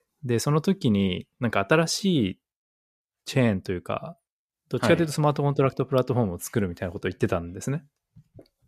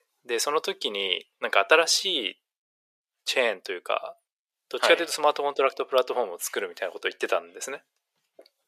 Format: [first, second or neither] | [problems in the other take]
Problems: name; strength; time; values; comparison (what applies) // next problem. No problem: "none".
first | thin; very; fading below 450 Hz